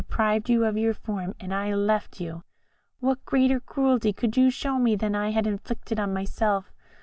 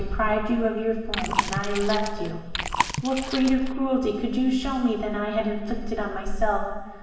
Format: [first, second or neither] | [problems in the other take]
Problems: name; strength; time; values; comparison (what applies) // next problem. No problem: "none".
first | background sound (Chewing, mastication); 4 dB below the speech // room echo; dies away in 1.3 s